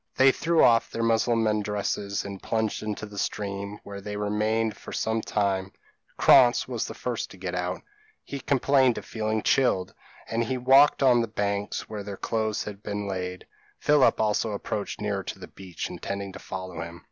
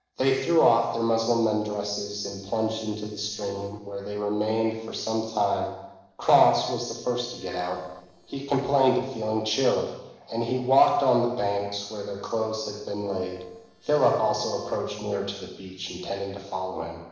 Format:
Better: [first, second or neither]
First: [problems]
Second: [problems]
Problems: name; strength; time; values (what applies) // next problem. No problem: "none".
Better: first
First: none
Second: noise reduction (neural separator model SepFormer DNS4)